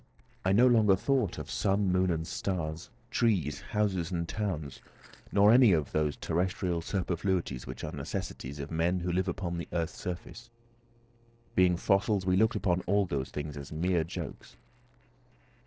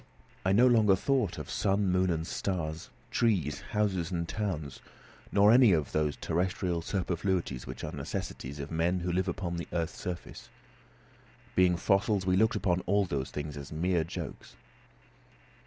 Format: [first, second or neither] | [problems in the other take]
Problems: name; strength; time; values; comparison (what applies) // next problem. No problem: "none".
second | noise reduction (neural separator model SepFormer DNS4)